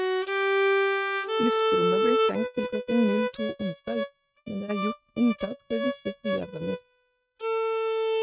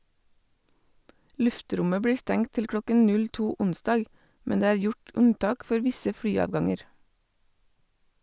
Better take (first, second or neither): second